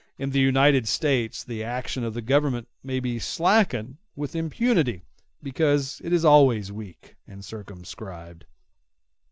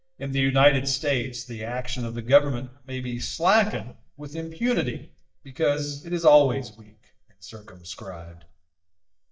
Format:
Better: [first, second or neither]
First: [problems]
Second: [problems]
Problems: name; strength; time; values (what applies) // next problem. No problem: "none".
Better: first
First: none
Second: noise reduction (neural mask model DeepFilterNet 3)